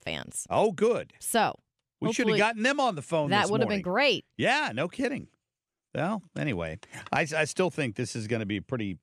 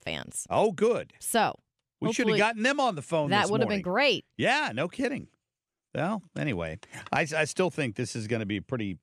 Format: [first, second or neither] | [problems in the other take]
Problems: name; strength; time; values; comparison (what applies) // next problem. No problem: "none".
neither | none